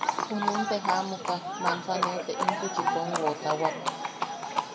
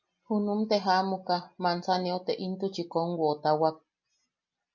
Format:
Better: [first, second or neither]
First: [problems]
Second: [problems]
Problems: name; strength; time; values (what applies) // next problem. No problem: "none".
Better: second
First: background sound (Livestock, farm animals, working animals); 3 dB above the speech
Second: none